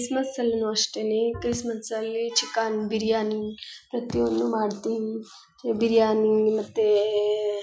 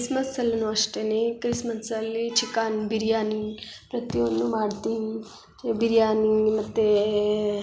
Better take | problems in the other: second | noise reduction (classical method Wiener filter)

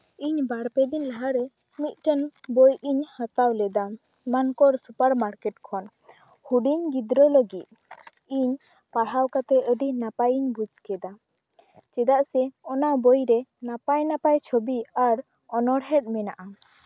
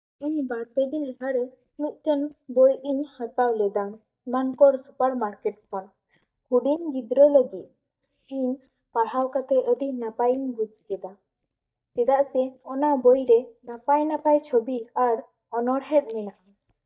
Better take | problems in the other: first | noise reduction (neural mask model DeepFilterNet 3)

